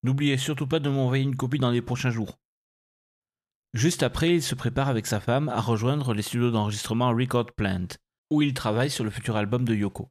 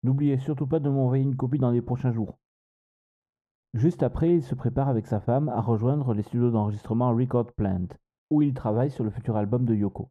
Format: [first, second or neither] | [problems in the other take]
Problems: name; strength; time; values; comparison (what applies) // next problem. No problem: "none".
first | muffled; very; fading above 1.5 kHz